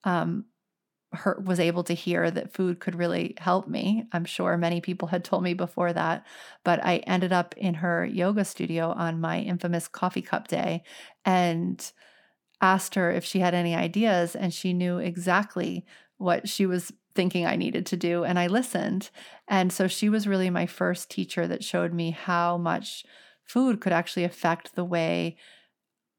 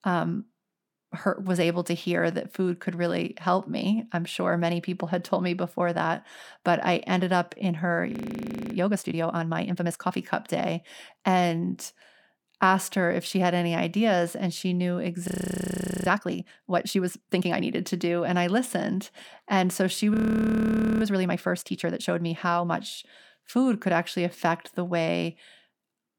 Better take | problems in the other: first | audio freezing; at 8 s for 0.5 s, at 15 s for 1 s and at 20 s for 1 s

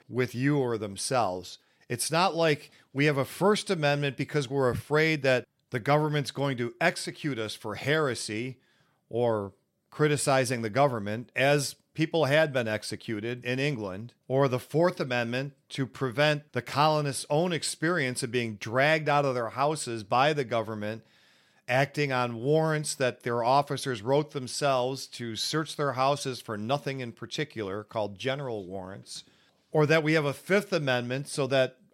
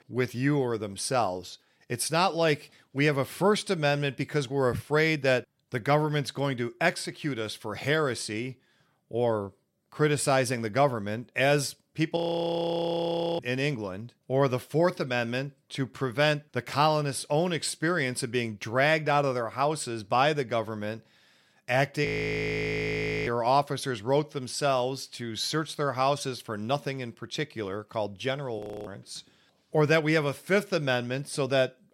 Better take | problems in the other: first | audio freezing; at 12 s for 1 s, at 22 s for 1 s and at 29 s

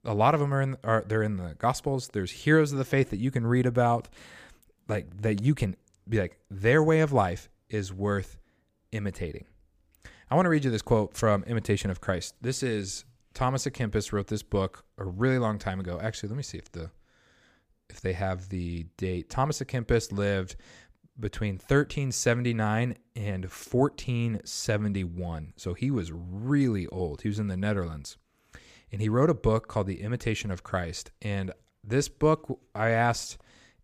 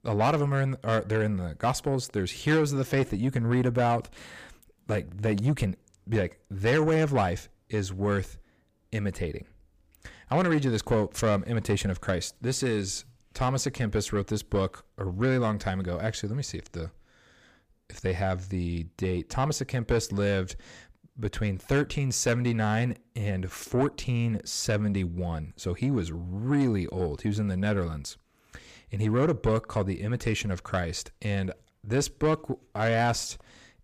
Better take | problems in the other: first | distortion; slight; 10 dB below the speech

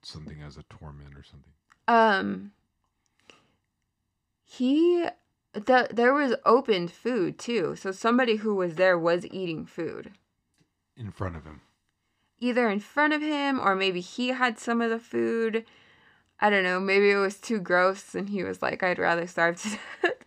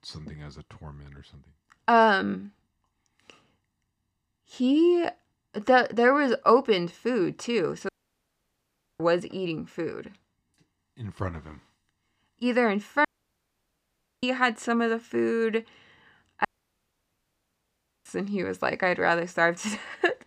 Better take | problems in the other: first | audio cutting out; at 8 s for 1 s, at 13 s for 1 s and at 16 s for 1.5 s

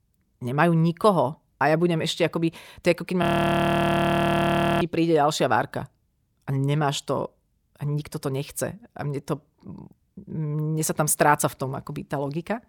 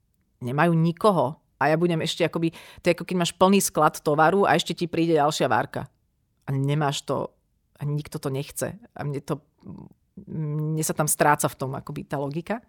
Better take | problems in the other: second | audio freezing; at 3 s for 1.5 s

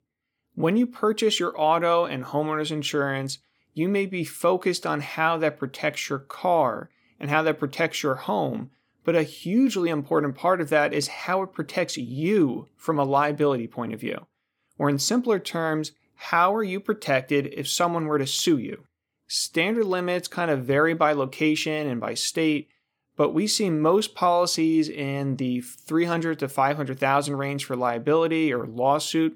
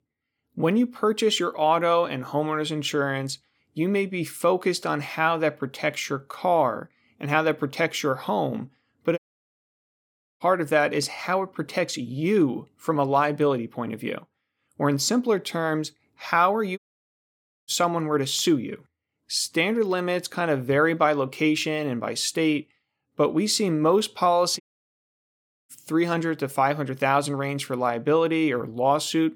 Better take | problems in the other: first | audio cutting out; at 9 s for 1 s, at 17 s for 1 s and at 25 s for 1 s

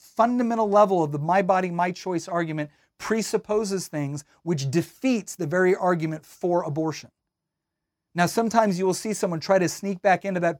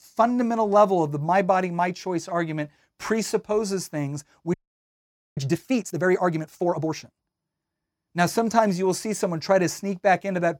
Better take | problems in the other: first | audio freezing; at 4.5 s for 1 s

